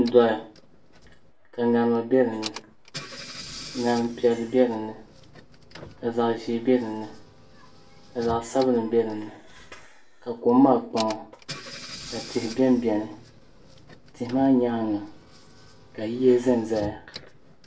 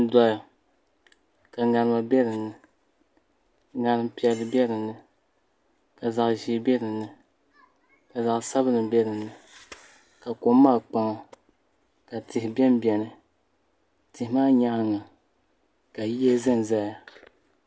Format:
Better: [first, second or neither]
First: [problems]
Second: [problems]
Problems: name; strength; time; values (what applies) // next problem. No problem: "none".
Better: second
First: background sound (Engine / Car); 18 dB below the speech // room echo; dies away in 0.3 s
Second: none